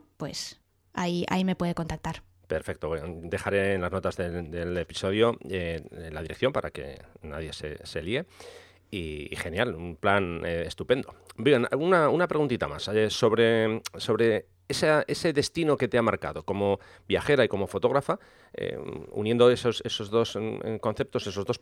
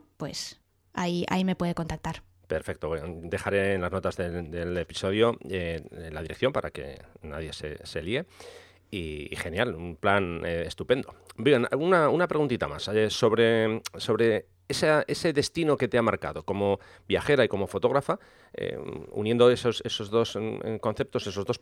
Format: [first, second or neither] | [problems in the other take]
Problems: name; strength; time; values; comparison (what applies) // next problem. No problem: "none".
neither | none